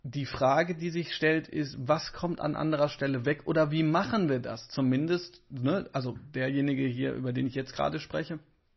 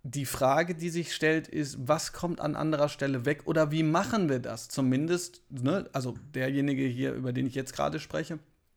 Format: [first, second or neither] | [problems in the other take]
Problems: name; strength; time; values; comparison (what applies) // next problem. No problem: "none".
second | garbled, watery; slightly; nothing above 6 kHz